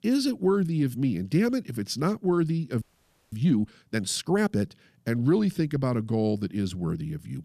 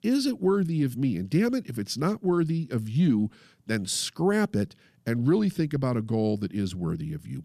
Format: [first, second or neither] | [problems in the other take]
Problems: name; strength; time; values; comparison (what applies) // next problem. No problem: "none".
second | audio freezing; at 3 s for 0.5 s